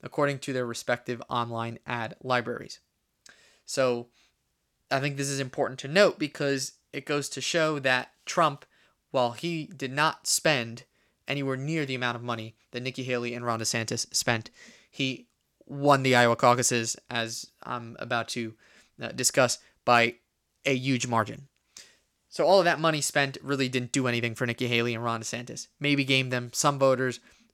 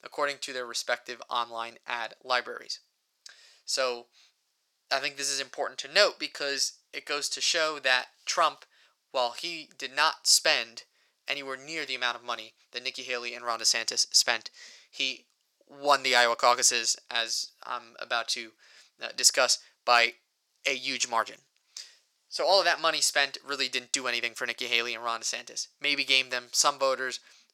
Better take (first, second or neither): first